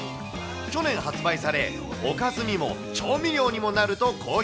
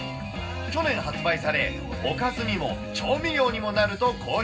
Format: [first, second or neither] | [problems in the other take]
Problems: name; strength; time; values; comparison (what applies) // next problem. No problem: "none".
first | room echo; dies away in 0.4 s